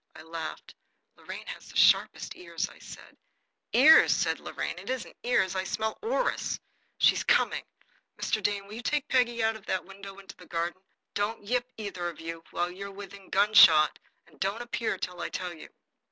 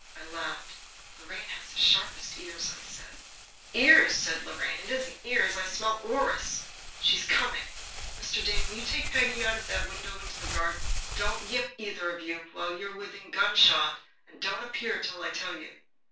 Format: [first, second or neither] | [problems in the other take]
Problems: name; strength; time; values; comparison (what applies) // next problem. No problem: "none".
first | background sound (Crumpling, crinkling); 8 dB below the speech // room echo; dies away in 0.3 s